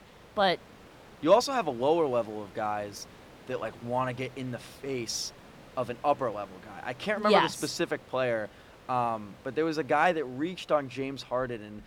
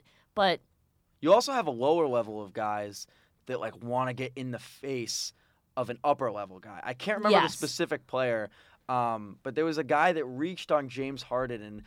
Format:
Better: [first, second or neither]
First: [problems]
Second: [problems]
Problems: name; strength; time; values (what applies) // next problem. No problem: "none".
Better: second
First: hiss; faint; throughout; 20 dB below the speech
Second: none